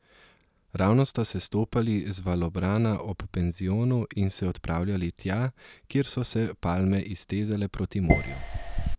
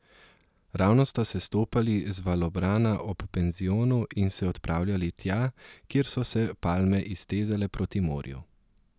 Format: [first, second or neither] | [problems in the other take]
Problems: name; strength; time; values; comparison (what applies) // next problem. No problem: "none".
second | background sound (Dishes, pots, and pans); 2 dB above the speech